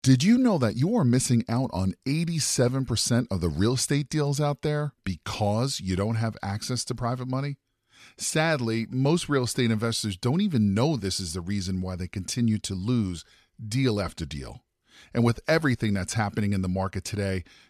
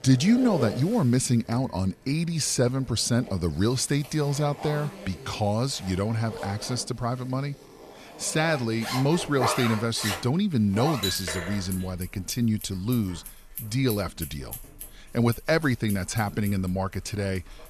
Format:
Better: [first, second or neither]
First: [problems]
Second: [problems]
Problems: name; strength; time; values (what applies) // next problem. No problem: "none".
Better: first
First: none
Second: household noises; loud; throughout; 10 dB below the speech